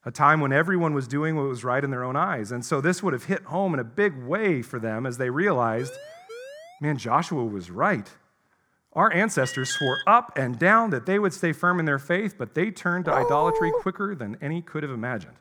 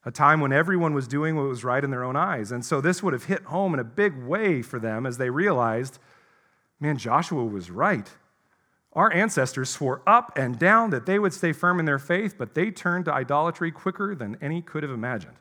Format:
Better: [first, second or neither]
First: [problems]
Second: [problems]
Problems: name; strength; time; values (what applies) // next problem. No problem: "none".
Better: second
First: siren; faint; from 6 to 7 s; peak 15 dB below the speech // alarm; noticeable; at 9.5 s; peak 3 dB below the speech // dog barking; loud; at 13 s; peak 1 dB above the speech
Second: none